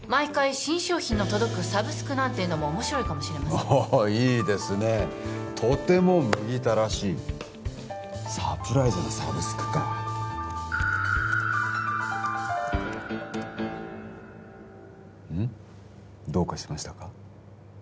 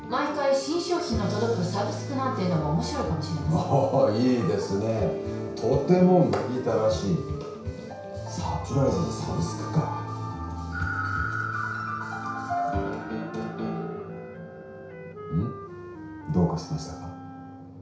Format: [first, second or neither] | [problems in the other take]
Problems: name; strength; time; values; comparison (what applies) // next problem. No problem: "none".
first | background sound (Wind instrument, woodwind instrument); 15 dB below the speech // room echo; dies away in 0.6 s